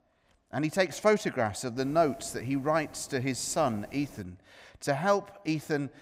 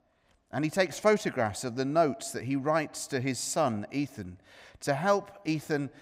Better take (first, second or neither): second